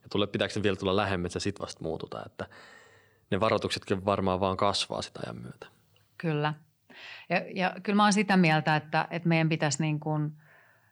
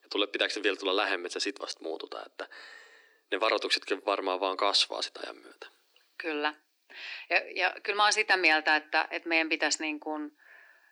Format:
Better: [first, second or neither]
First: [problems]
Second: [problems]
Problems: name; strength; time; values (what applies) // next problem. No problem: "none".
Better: first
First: none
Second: thin; very; fading below 300 Hz